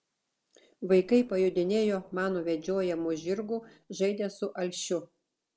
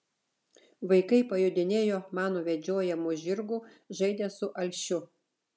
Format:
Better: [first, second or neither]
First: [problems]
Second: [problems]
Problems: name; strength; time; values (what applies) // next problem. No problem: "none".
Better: second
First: noise reduction (neural separator model SepFormer DNS4)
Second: none